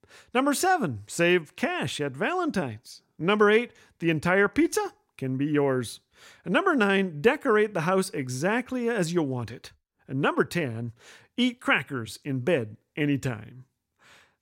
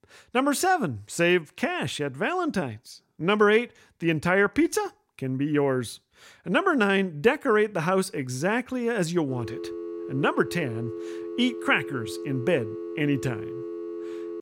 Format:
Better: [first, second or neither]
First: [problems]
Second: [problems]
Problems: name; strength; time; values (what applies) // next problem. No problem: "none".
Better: first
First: none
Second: phone ringing; noticeable; from 9.5 s on; peak 10 dB below the speech